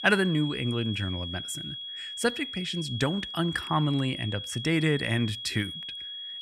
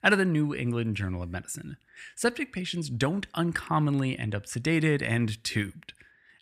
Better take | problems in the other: second | high-pitched whine; loud; throughout; 3.5 kHz, 7 dB below the speech

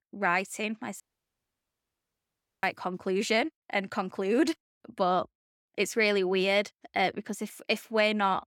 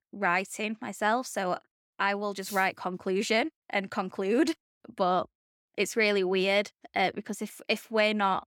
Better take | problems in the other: second | audio cutting out; at 1 s for 1.5 s

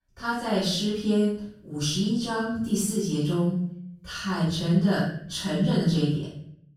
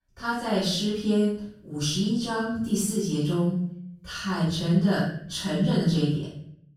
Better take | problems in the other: neither | off-mic speech; far; the same in both // room echo; noticeable; dies away in 0.6 s; the same in both

